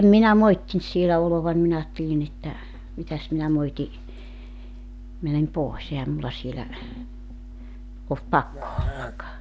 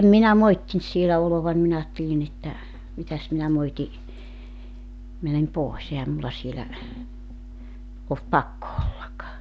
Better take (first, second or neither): second